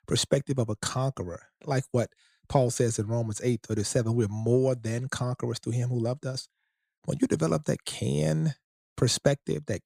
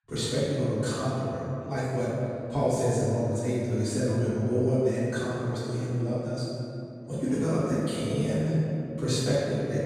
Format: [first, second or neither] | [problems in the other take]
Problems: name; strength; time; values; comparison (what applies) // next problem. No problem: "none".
first | off-mic speech; far // room echo; strong; dies away in 2.6 s